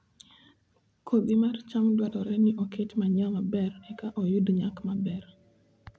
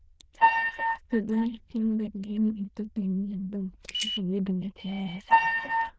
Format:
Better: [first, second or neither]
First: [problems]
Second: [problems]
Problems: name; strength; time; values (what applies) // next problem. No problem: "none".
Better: first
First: none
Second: noise reduction (neural diffusion model UNIVERSE++)